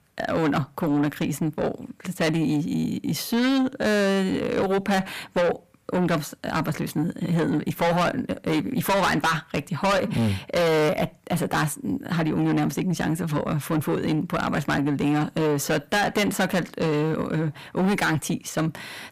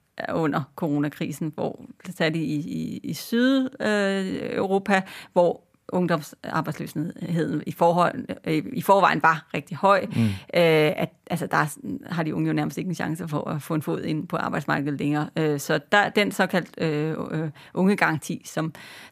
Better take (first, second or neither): second